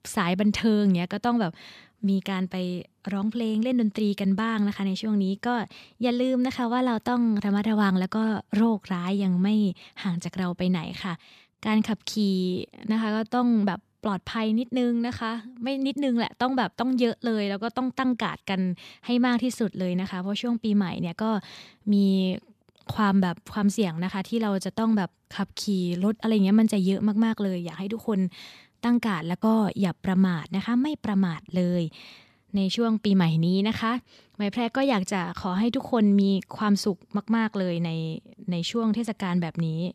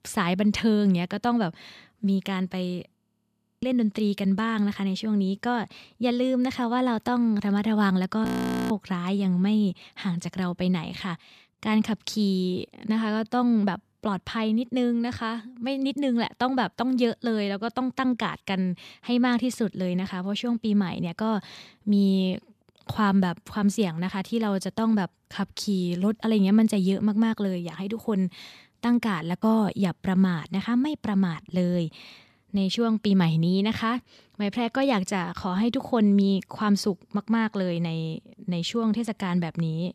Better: first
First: none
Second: audio freezing; at 3 s for 0.5 s and at 8.5 s

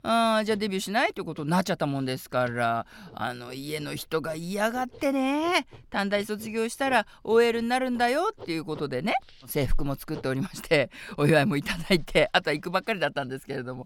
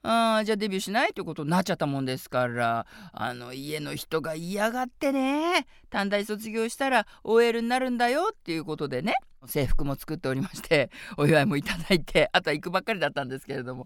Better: second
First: household noises; faint; throughout; 25 dB below the speech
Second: none

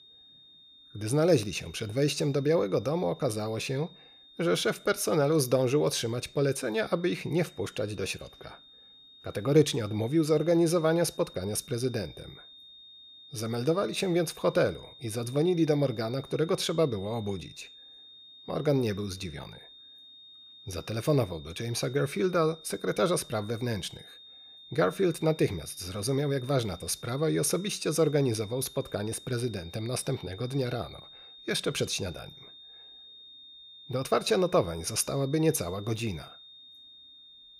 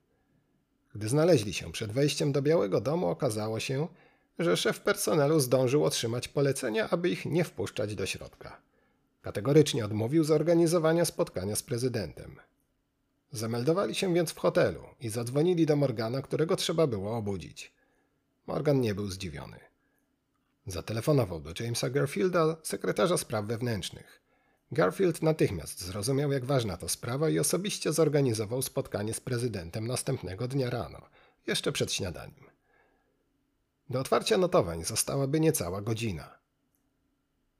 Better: second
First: high-pitched whine; noticeable; throughout; 3.5 kHz, 20 dB below the speech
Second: none

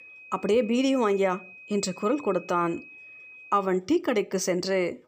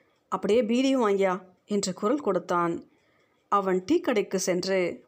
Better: second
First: high-pitched whine; noticeable; until 3.5 s; 2.5 kHz, 20 dB below the speech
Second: none

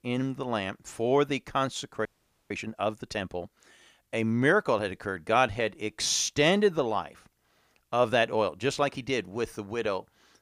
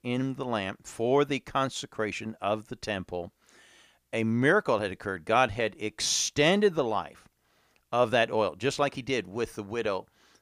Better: second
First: audio freezing; at 2 s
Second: none

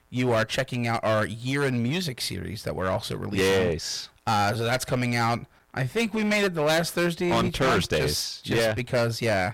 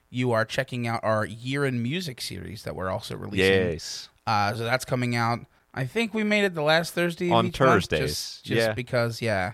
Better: second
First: distortion; heavy; 14% of the sound clipped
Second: none

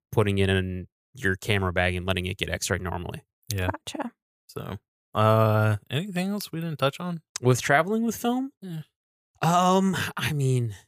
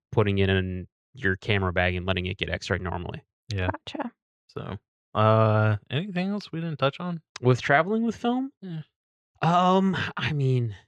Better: first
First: none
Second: muffled; slightly; fading above 4 kHz

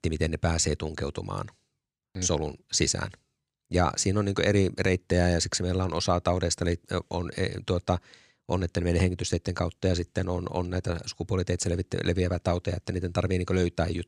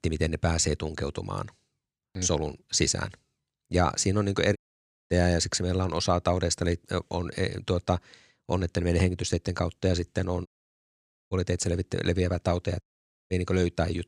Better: first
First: none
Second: audio cutting out; at 4.5 s for 0.5 s, at 10 s for 1 s and at 13 s

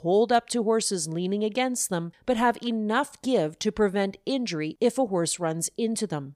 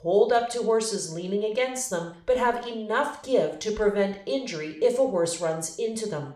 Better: first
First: none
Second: room echo; slight; dies away in 0.5 s

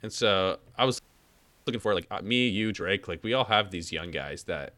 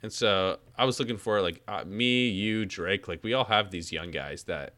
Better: second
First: audio freezing; at 1 s for 0.5 s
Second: none

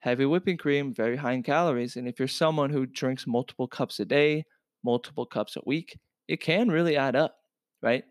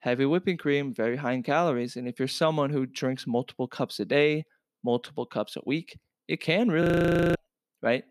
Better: first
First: none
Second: audio freezing; at 7 s for 0.5 s

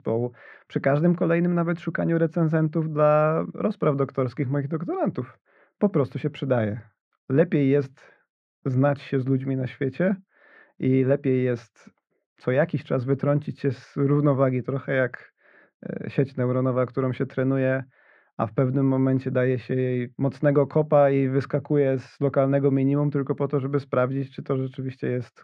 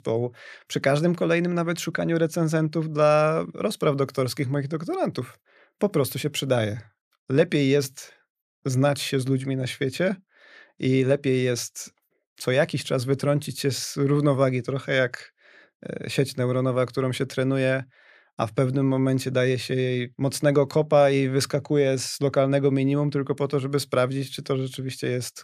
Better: second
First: muffled; very; fading above 1.5 kHz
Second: none

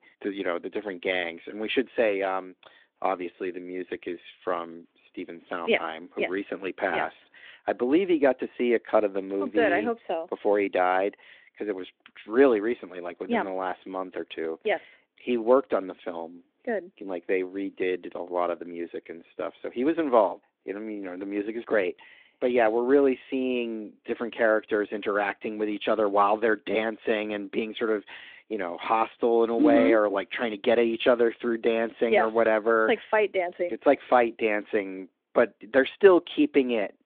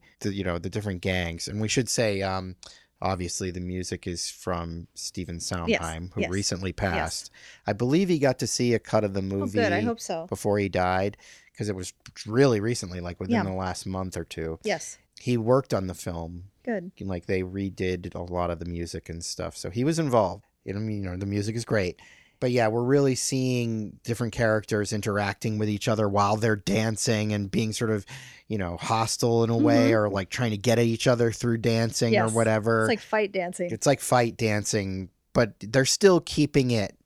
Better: second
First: phone-call audio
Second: none

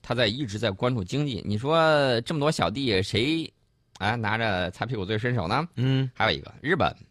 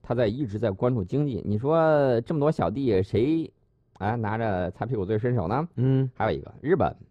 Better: first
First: none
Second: muffled; very; fading above 1.5 kHz

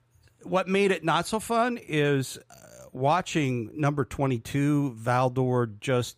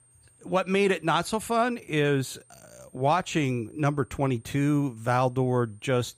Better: first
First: none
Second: high-pitched whine; faint; throughout; 8.5 kHz, 30 dB below the speech

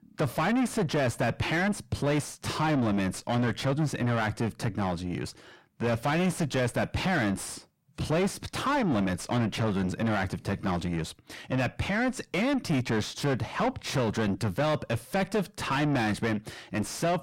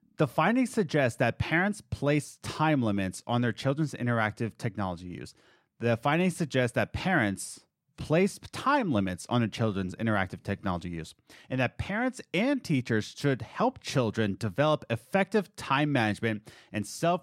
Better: second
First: distortion; heavy; 6 dB below the speech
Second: none

